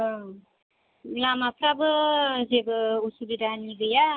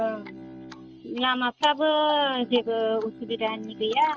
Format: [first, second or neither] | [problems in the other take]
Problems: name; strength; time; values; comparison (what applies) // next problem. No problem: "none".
first | noise reduction (neural mask model RNNoise)